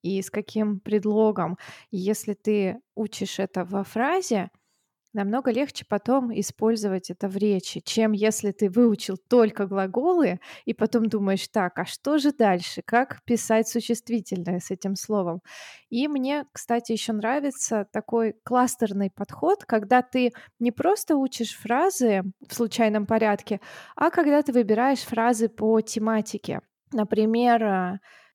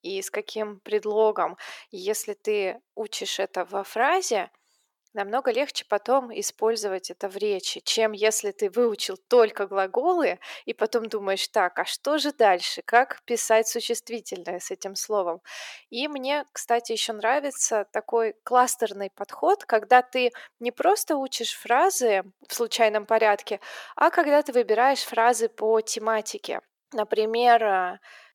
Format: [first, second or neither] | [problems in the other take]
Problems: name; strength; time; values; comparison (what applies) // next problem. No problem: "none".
first | thin; very; fading below 450 Hz